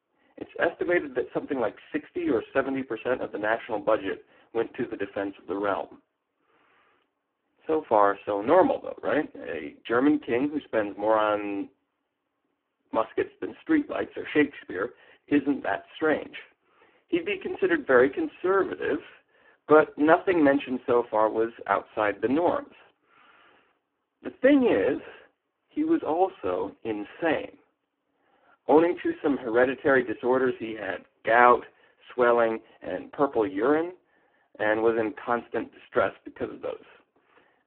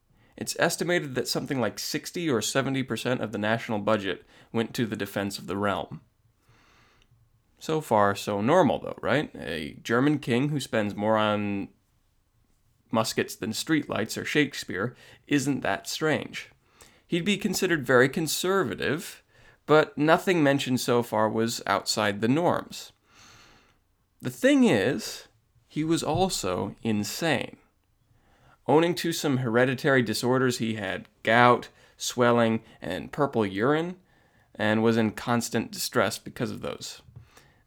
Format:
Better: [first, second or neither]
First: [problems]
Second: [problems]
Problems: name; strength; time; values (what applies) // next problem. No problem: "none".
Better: second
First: phone-call audio; poor line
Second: none